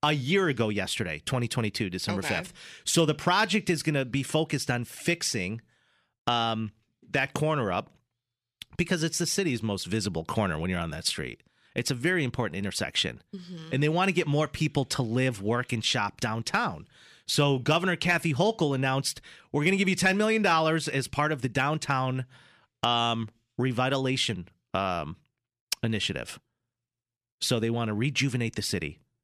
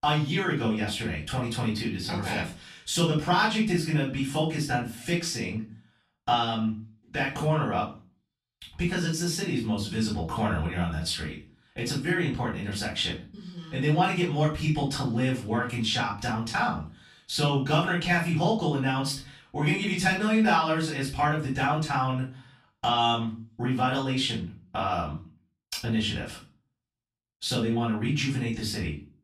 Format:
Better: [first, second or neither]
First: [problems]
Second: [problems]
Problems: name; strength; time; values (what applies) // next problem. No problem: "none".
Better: first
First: none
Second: off-mic speech; far // room echo; slight; dies away in 0.3 s